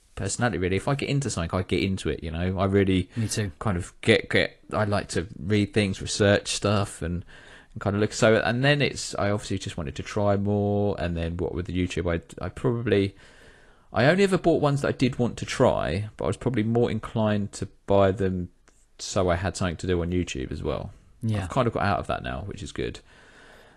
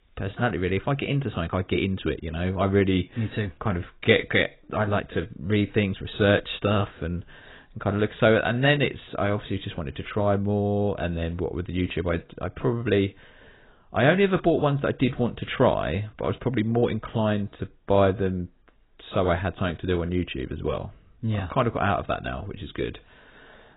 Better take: first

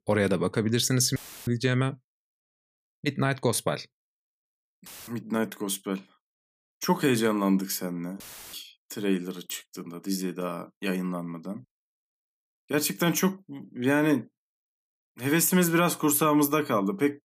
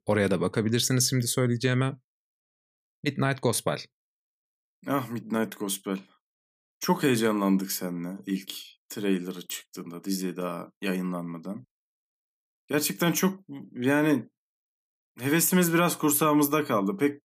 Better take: second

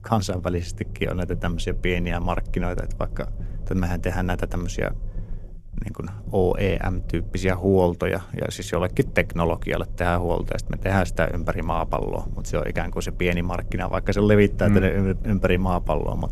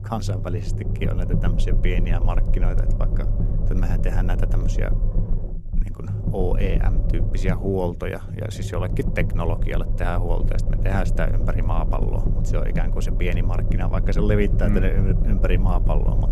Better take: first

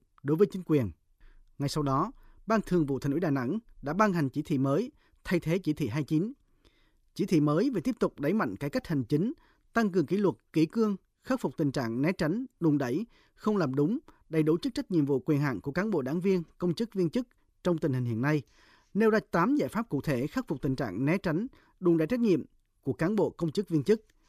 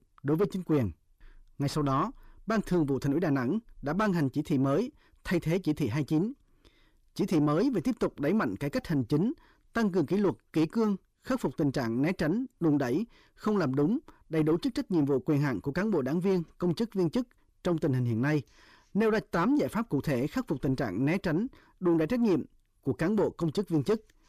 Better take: first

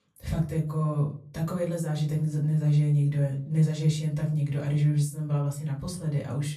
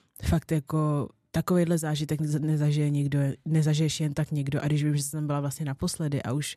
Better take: second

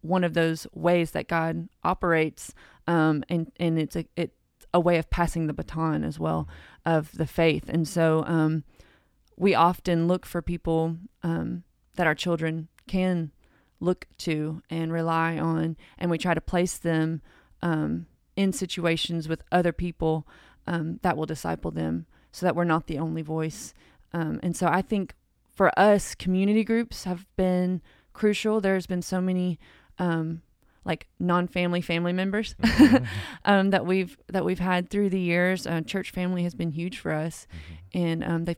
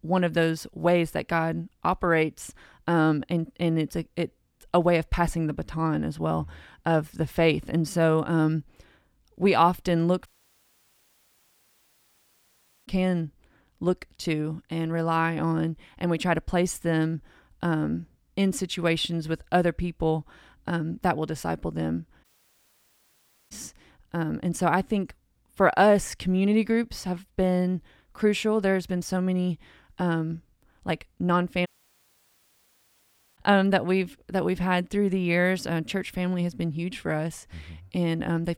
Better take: first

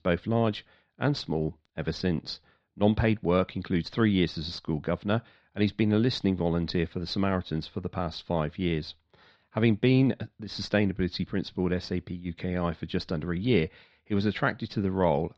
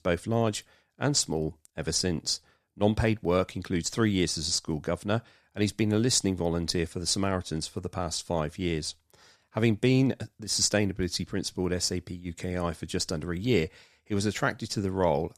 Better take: second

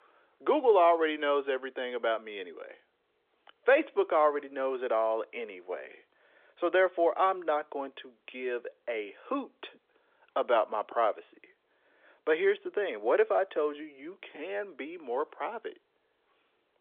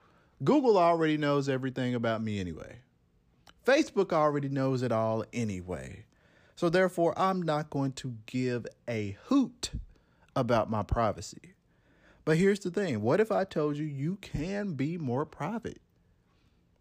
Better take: second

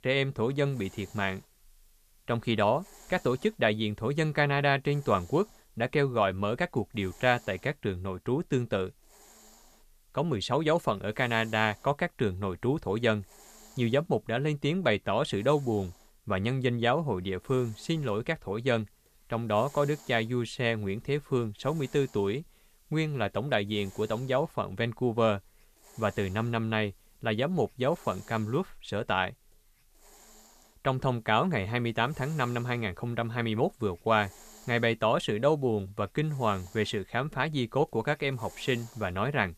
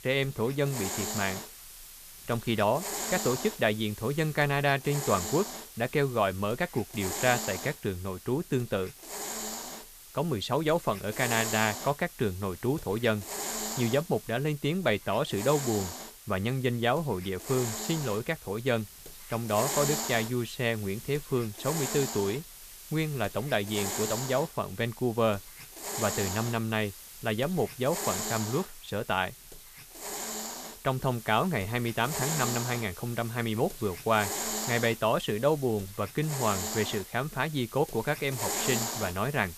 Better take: first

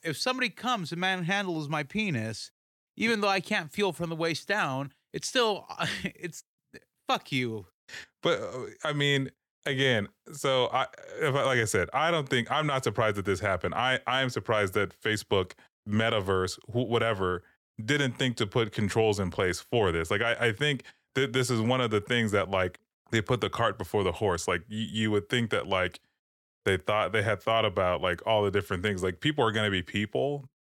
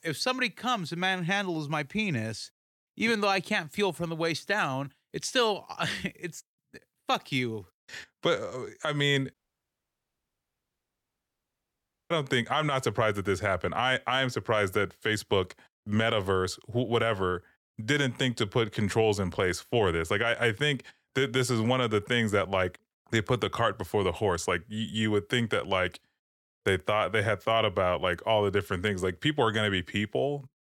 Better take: first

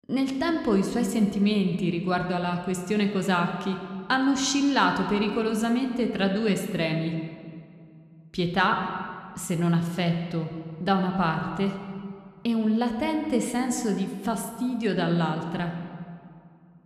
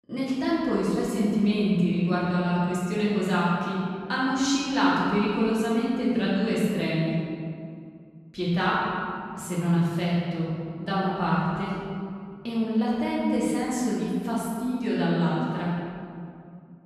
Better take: first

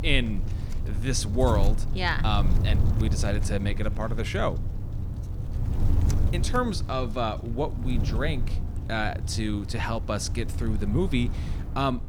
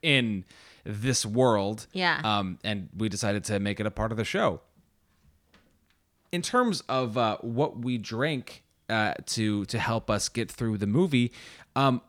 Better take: second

